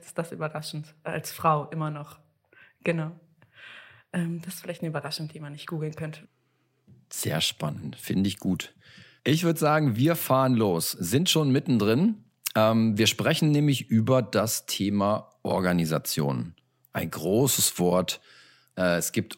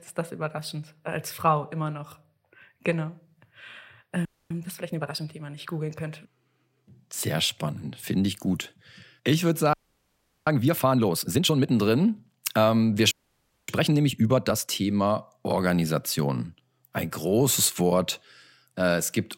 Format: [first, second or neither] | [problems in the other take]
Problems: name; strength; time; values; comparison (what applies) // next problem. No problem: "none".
first | audio freezing; at 4.5 s, at 9.5 s for 0.5 s and at 13 s for 0.5 s